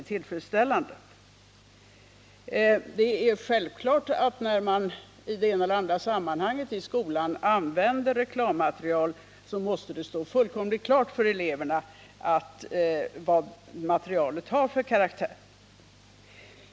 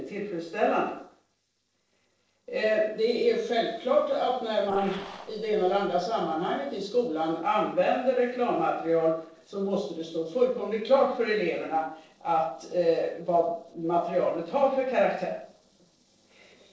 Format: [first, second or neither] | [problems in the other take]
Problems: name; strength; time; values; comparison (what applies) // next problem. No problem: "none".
first | noise reduction (neural separator model SepFormer DNS4)